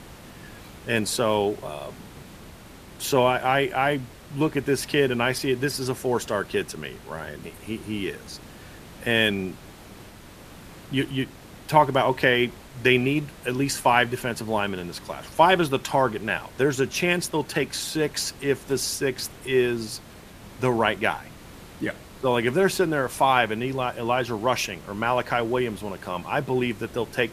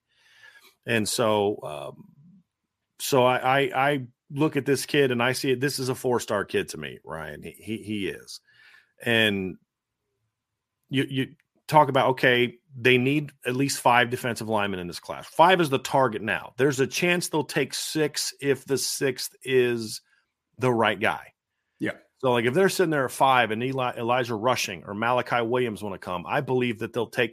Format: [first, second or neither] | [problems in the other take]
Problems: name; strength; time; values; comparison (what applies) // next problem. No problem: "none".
second | hiss; faint; throughout; 20 dB below the speech